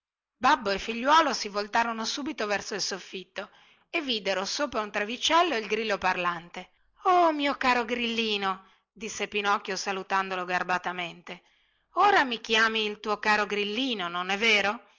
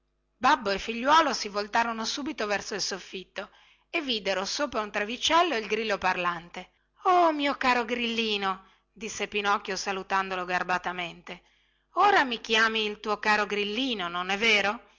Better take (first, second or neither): second